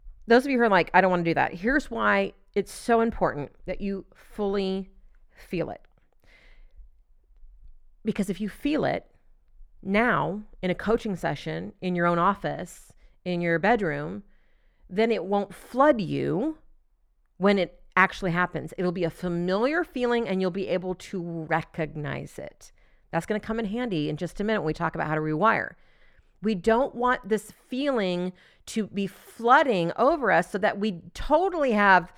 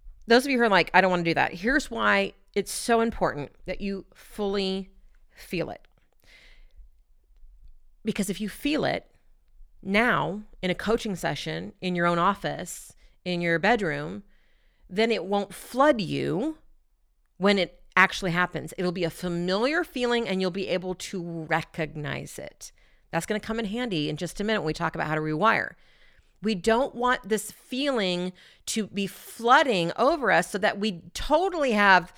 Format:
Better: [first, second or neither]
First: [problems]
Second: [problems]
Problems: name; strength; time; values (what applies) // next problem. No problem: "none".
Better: second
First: muffled; slightly; fading above 2.5 kHz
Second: none